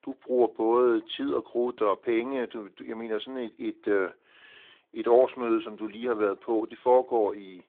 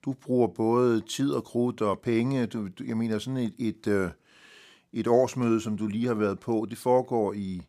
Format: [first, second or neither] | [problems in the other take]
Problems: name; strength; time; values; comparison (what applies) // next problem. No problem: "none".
second | phone-call audio; nothing above 3.5 kHz